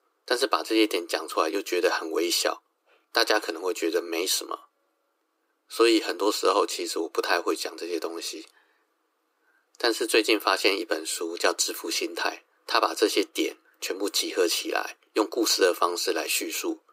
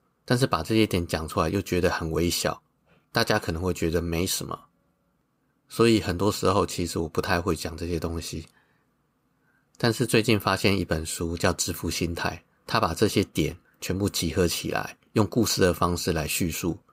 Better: second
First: thin; very; fading below 300 Hz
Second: none

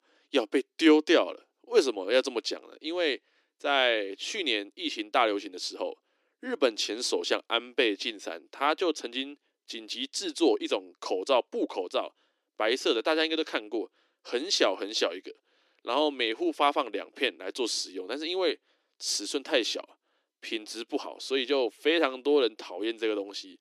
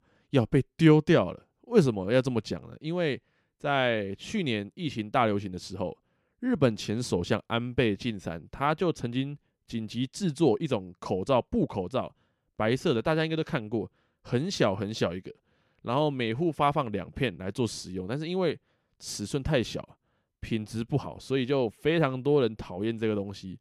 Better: second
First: thin; somewhat; fading below 300 Hz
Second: none

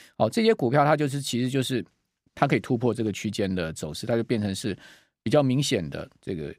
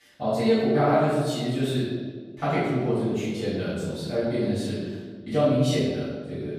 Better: first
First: none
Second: off-mic speech; far // room echo; strong; dies away in 1.4 s

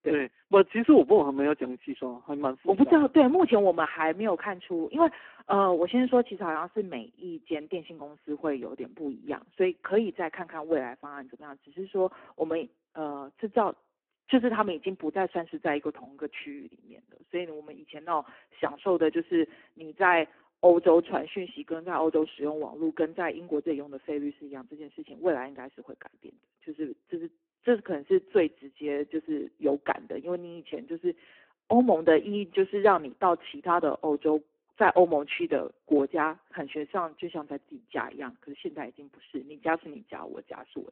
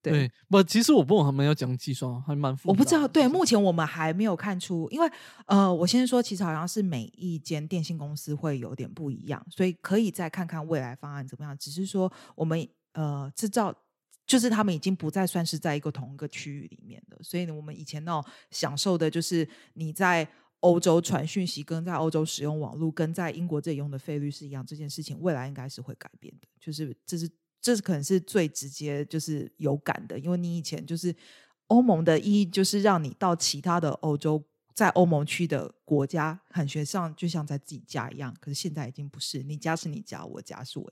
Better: second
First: phone-call audio; poor line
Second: none

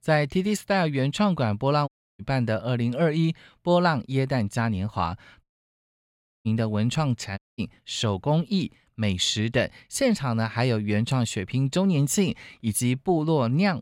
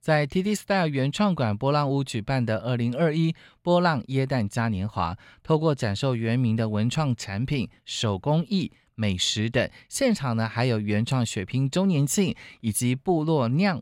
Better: second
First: audio cutting out; at 2 s, at 5.5 s for 1 s and at 7.5 s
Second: none

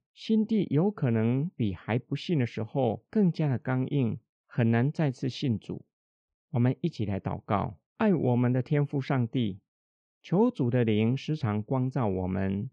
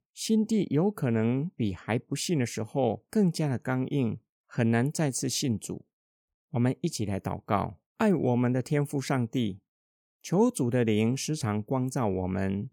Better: second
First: muffled; slightly; fading above 3.5 kHz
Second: none

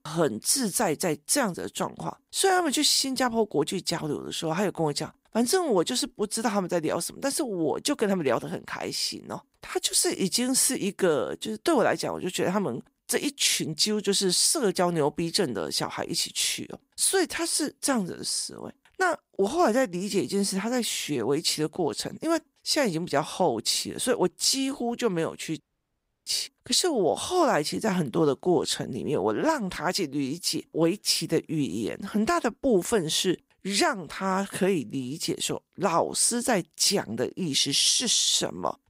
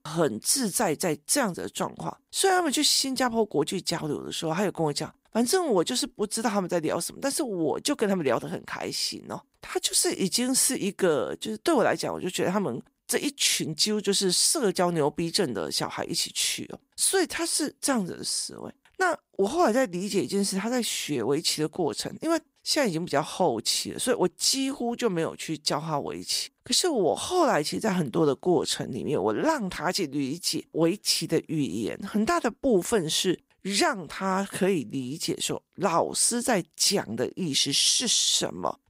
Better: second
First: audio cutting out; at 26 s for 0.5 s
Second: none

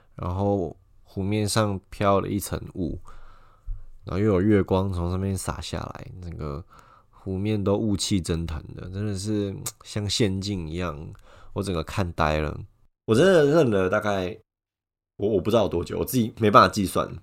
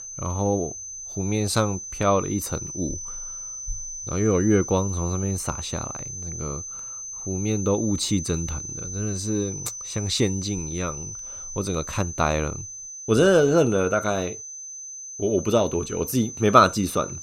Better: first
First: none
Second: high-pitched whine; loud; throughout; 6 kHz, 9 dB below the speech

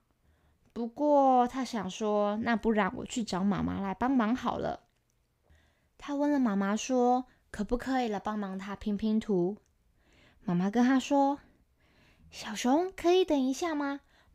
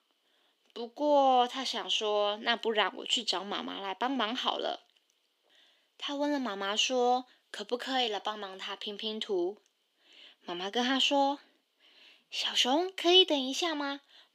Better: first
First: none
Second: thin; somewhat; fading below 300 Hz

